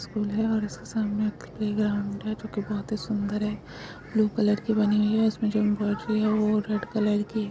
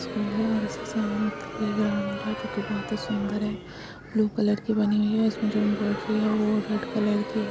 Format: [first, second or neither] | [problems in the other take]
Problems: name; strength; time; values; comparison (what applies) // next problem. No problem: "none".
first | background sound (Crowd); 10 dB below the speech